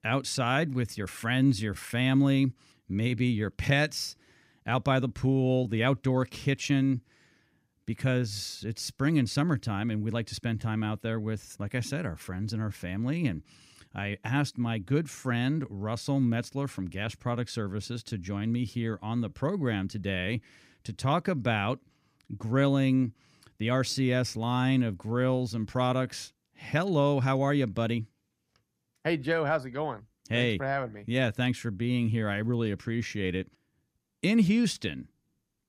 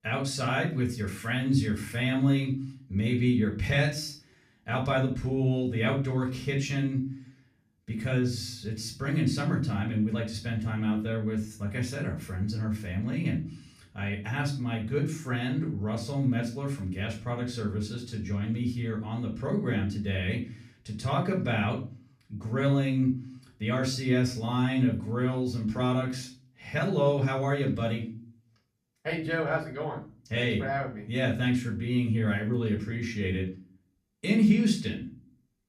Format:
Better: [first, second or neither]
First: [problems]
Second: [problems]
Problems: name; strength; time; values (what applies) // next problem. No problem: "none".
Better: first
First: none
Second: off-mic speech; far // room echo; slight; dies away in 0.3 s